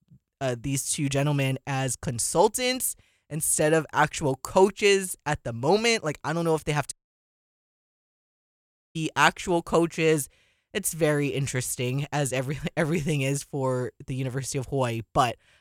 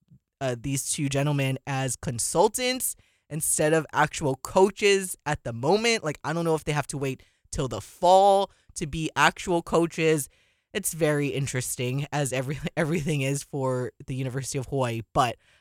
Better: second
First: audio cutting out; at 7 s for 2 s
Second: none

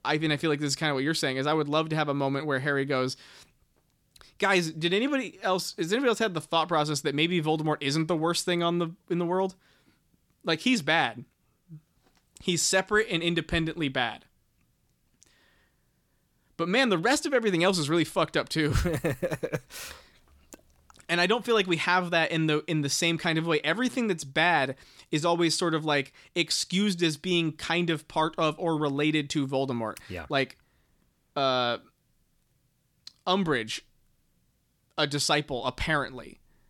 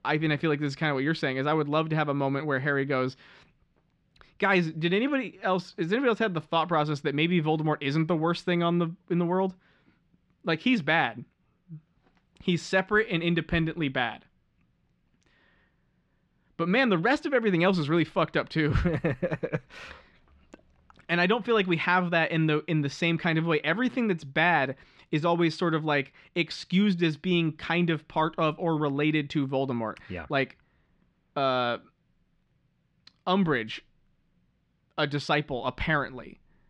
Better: first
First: none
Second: muffled; slightly; fading above 2.5 kHz

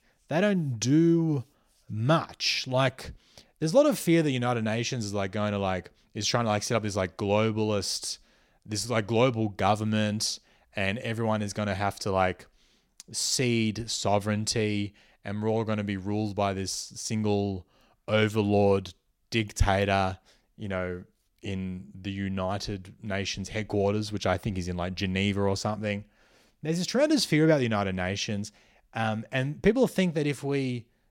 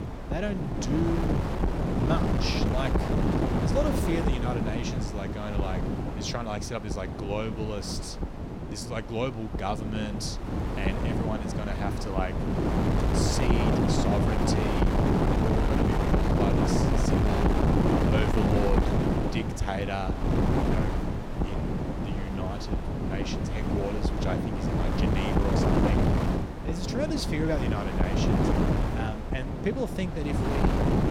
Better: first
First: none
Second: wind noise on the microphone; heavy; 3 dB above the speech

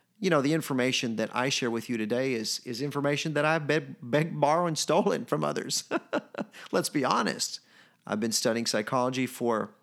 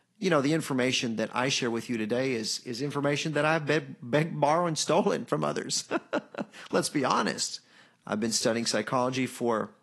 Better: first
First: none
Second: garbled, watery; slightly; nothing above 11.5 kHz

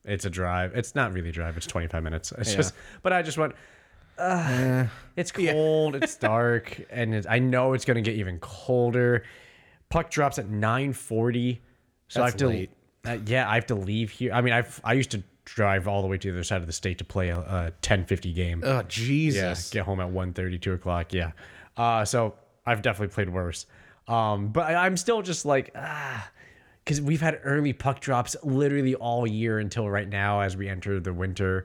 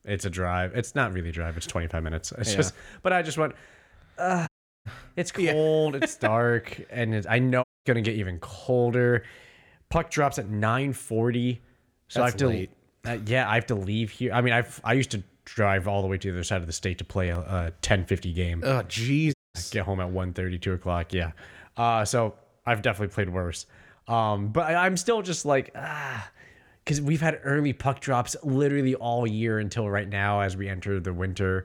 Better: first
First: none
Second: audio cutting out; at 4.5 s, at 7.5 s and at 19 s

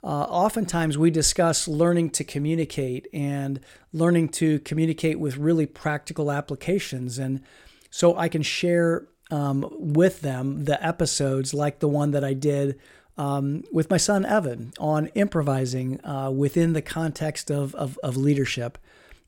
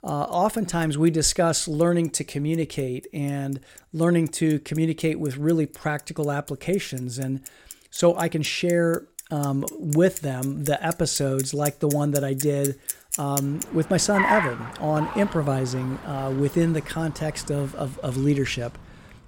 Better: first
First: none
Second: traffic noise; loud; throughout; 8 dB below the speech

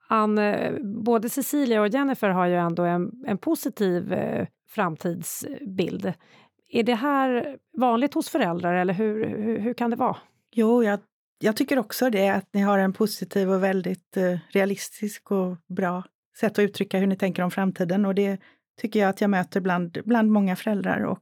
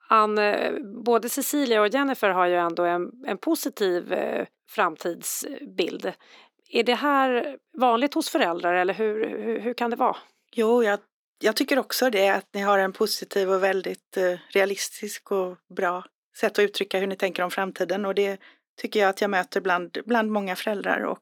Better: first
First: none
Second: thin; somewhat; fading below 300 Hz

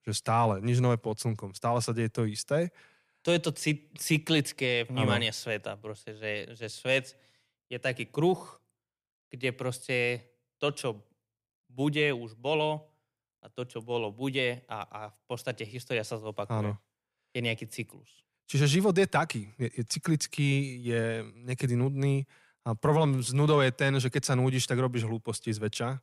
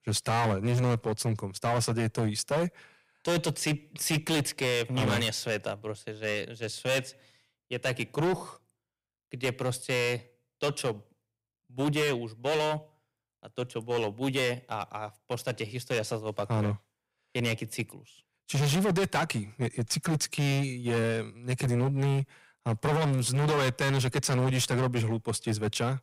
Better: first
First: none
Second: distortion; heavy; 14% of the sound clipped

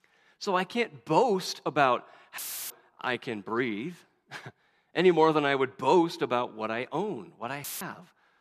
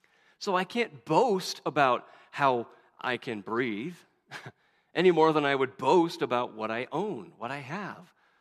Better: second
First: audio cutting out; filled with static; at 2.5 s and at 7.5 s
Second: none

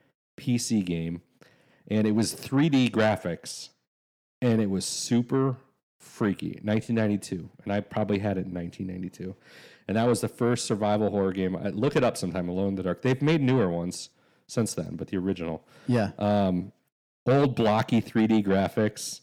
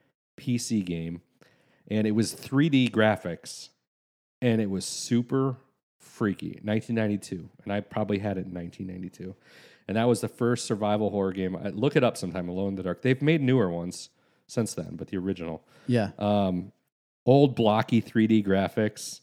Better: second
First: distortion; slight; 10 dB below the speech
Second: none

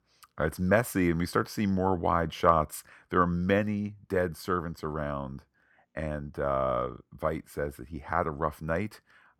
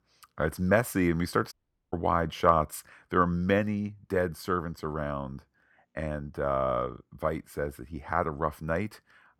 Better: first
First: none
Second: audio cutting out; at 1.5 s

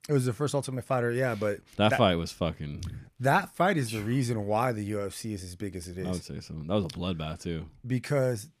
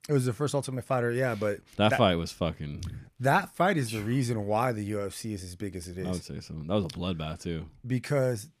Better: neither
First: none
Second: none

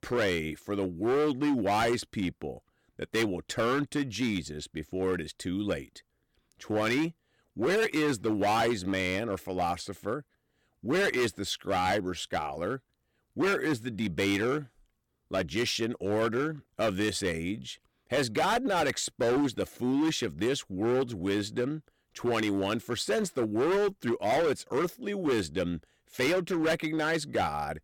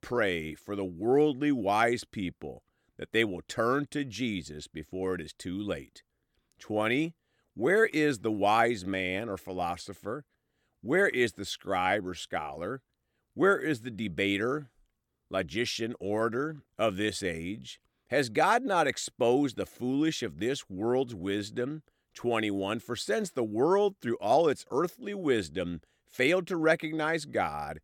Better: second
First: distortion; heavy; 12% of the sound clipped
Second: none

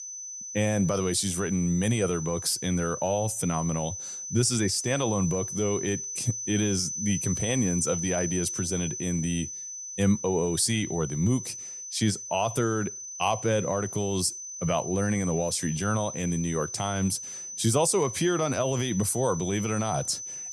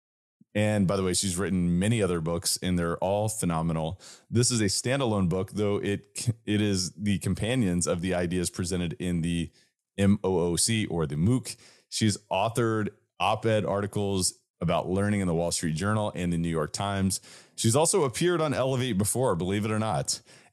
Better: second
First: high-pitched whine; loud; throughout; 6 kHz, 7 dB below the speech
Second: none

